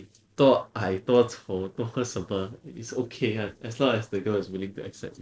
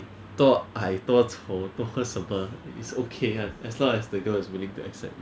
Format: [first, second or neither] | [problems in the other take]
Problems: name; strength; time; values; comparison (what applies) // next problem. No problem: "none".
second | noise reduction (neural separator model SepFormer DNS4)